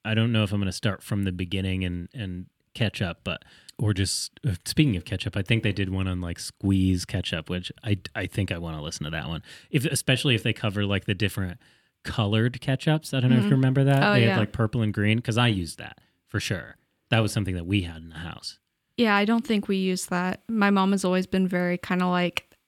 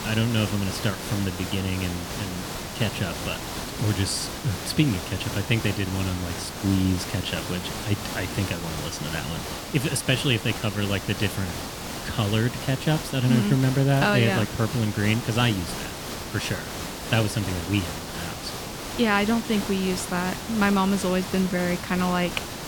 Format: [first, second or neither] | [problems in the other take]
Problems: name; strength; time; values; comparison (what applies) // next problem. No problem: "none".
first | hiss; loud; throughout; 7 dB below the speech